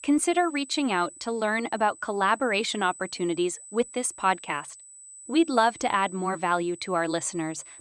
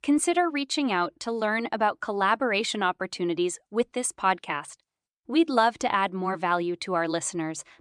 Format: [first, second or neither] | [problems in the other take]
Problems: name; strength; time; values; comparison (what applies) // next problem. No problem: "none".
second | high-pitched whine; noticeable; throughout; 8 kHz, 20 dB below the speech